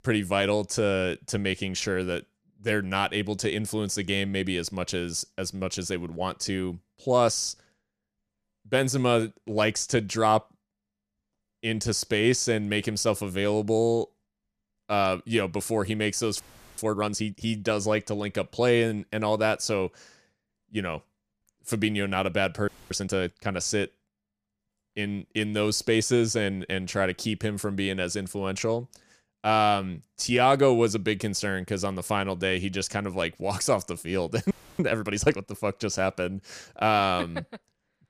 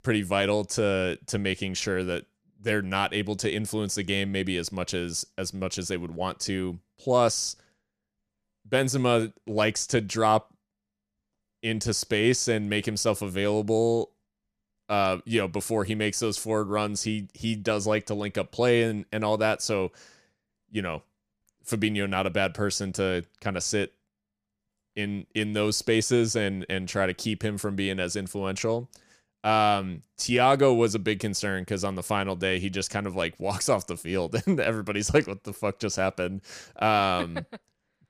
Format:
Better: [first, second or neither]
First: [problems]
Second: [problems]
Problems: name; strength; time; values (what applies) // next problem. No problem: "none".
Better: second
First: audio freezing; at 16 s, at 23 s and at 35 s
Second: none